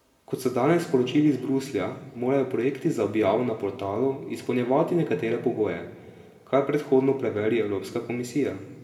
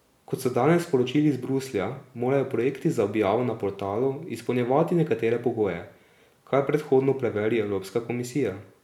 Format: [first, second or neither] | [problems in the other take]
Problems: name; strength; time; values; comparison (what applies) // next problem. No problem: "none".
second | room echo; dies away in 1.5 s